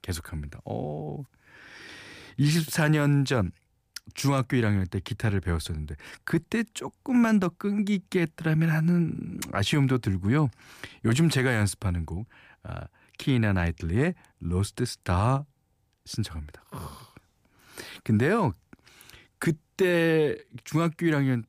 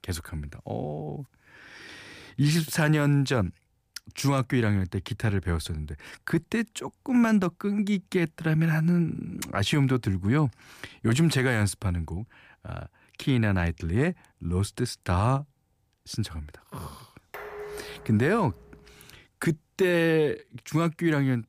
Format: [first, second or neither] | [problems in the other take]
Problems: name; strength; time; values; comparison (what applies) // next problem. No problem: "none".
first | clattering dishes; faint; from 17 to 19 s; peak 10 dB below the speech